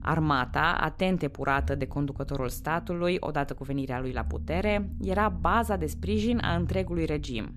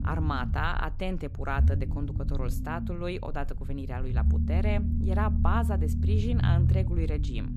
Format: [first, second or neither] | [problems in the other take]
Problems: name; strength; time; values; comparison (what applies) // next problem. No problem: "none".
first | low rumble; loud; throughout; 7 dB below the speech; faint in the first